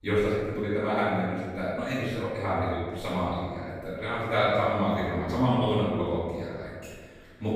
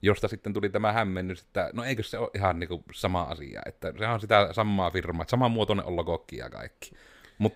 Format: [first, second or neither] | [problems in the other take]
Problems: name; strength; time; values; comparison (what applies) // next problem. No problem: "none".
second | off-mic speech; far // room echo; strong; dies away in 1.4 s